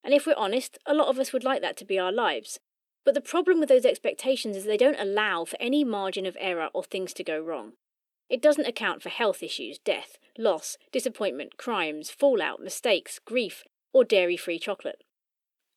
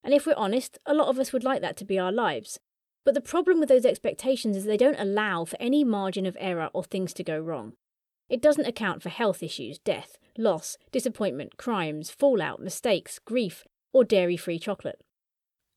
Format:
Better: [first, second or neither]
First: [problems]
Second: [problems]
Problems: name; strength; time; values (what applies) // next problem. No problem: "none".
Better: second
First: thin; very slightly; fading below 250 Hz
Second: none